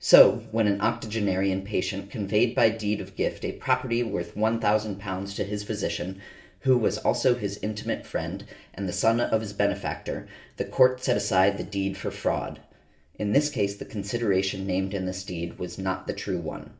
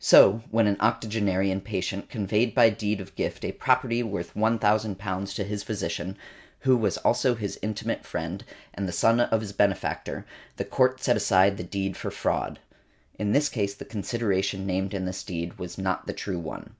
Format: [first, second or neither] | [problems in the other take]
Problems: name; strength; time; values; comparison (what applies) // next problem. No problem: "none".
second | room echo; dies away in 0.4 s